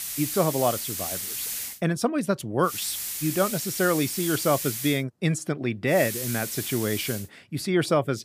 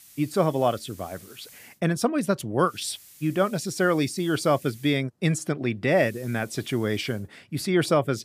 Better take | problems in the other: second | hiss; loud; until 1.5 s, from 2.5 to 5 s and from 6 to 7 s; 4 dB below the speech; faint in the second

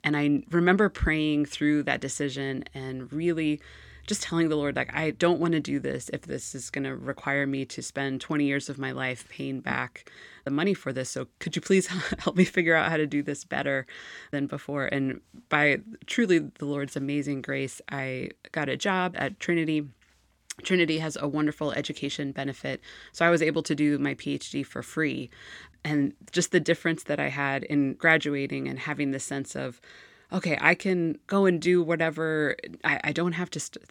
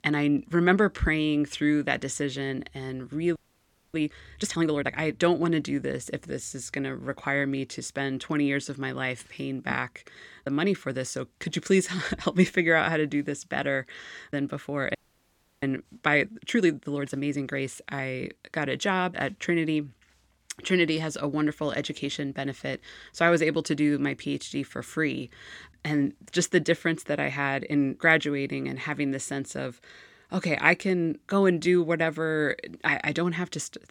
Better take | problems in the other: first | audio freezing; at 3.5 s for 0.5 s and at 15 s for 0.5 s

